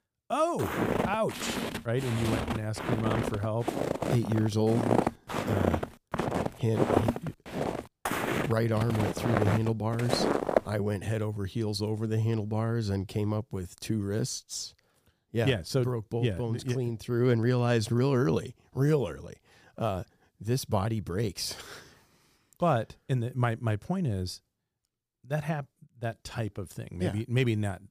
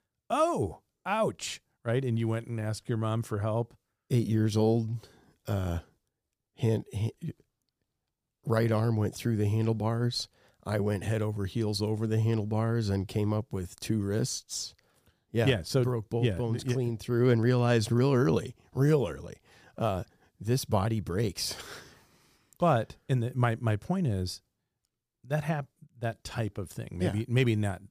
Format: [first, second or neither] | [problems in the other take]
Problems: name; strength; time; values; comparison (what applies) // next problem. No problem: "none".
second | footsteps; loud; from 0.5 to 11 s; peak 4 dB above the speech